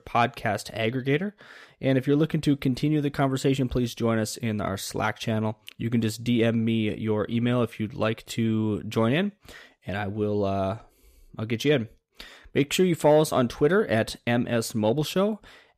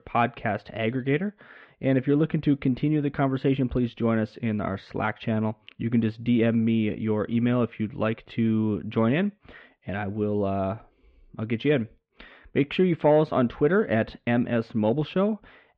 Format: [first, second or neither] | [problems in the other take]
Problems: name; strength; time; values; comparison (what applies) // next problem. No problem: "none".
first | muffled; very; fading above 3 kHz